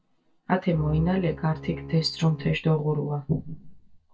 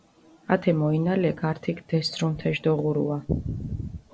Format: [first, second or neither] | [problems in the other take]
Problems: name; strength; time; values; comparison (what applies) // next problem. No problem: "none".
second | noise reduction (neural mask model DeepFilterNet 3)